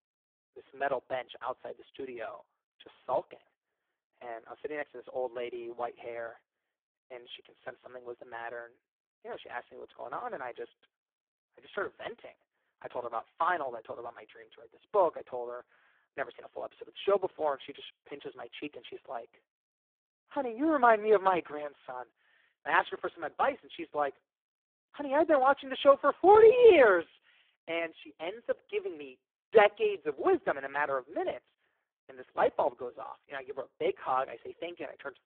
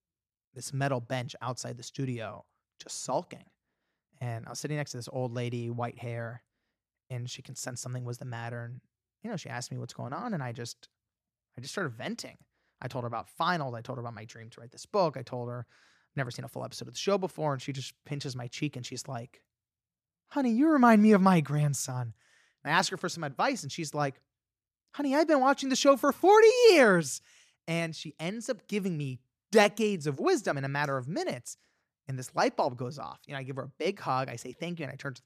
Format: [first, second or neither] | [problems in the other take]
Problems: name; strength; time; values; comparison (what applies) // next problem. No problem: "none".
second | phone-call audio; poor line